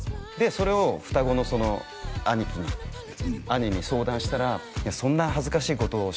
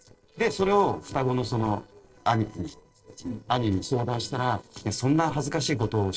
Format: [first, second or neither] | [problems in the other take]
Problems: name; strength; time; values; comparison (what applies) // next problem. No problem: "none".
first | noise reduction (neural separator model SepFormer DNS4)